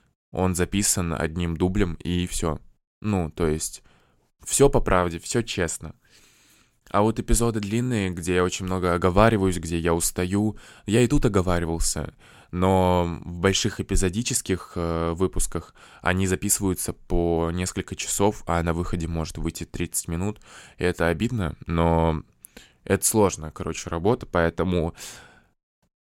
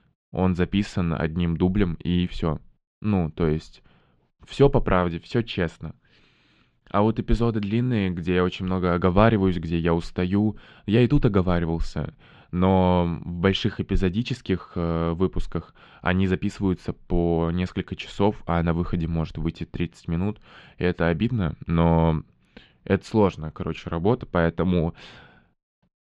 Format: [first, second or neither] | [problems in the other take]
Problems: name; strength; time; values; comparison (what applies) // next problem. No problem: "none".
first | muffled; very; fading above 3.5 kHz